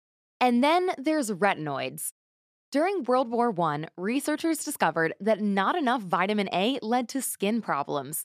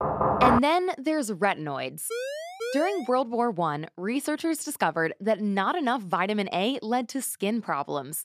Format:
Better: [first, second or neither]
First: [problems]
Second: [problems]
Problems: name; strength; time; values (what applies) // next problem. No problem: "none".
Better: first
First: none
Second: door banging; loud; at the start; peak 5 dB above the speech // siren; noticeable; from 2 to 3 s; peak 6 dB below the speech